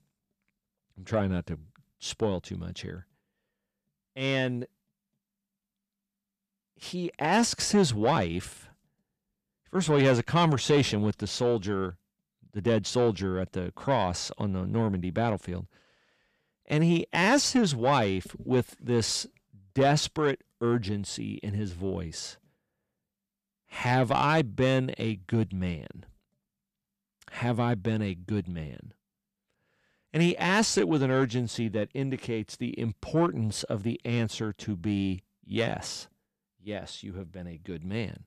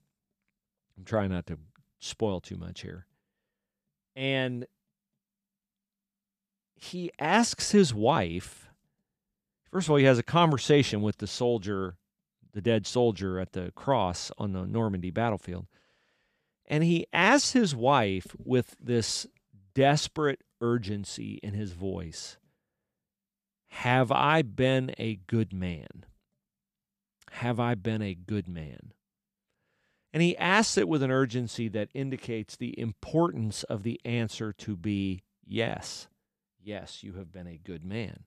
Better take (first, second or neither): second